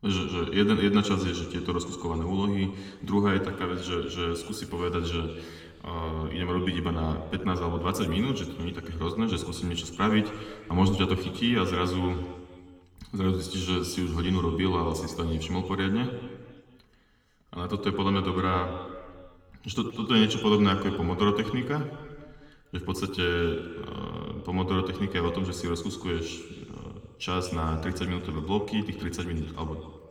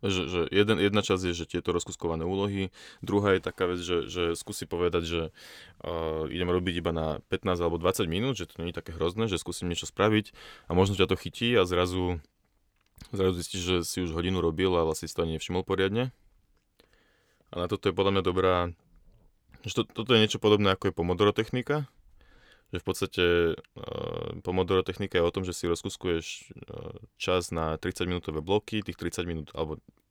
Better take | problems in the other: second | room echo; slight; dies away in 1.8 s

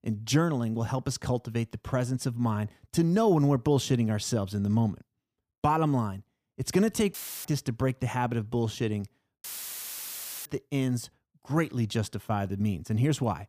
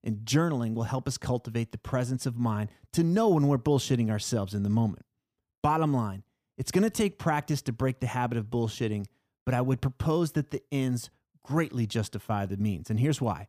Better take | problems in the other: second | audio cutting out; filled with static; at 7 s and at 9.5 s for 1 s

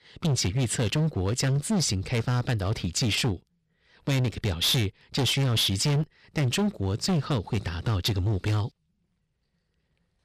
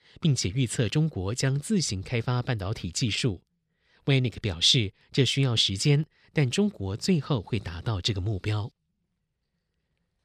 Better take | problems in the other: second | distortion; heavy; 17% of the sound clipped

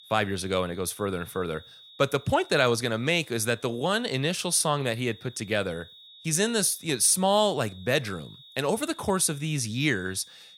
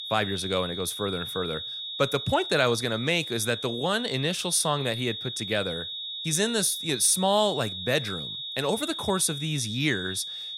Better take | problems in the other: first | high-pitched whine; loud; throughout; 3.5 kHz, 6 dB below the speech; faint in the first

